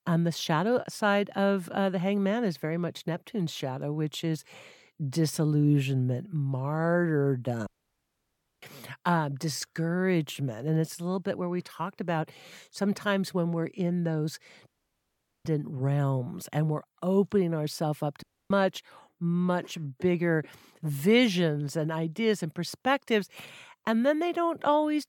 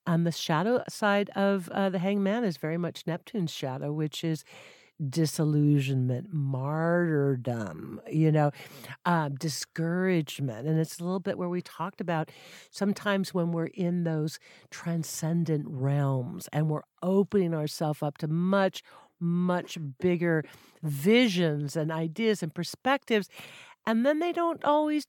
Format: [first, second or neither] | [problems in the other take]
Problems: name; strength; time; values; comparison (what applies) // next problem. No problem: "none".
second | audio cutting out; at 7.5 s for 1 s, at 15 s for 1 s and at 18 s